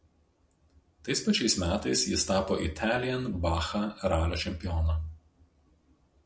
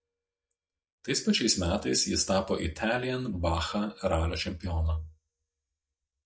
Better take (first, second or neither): first